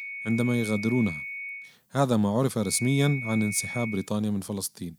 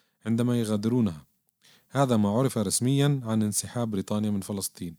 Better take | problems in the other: second | high-pitched whine; loud; until 1.5 s and from 2.5 to 4 s; 2 kHz, 8 dB below the speech

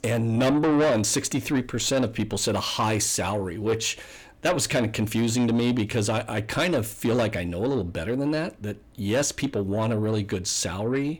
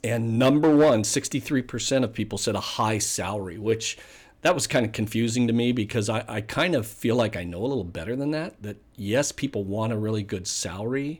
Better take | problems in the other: second | distortion; slight; 10 dB below the speech

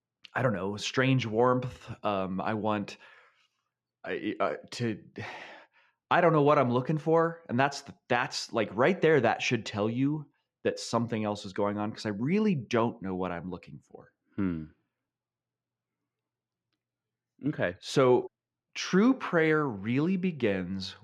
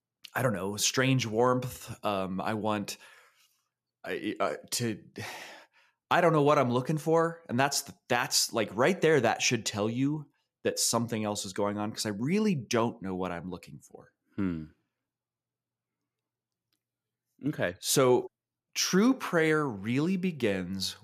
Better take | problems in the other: second | muffled; slightly; fading above 3 kHz

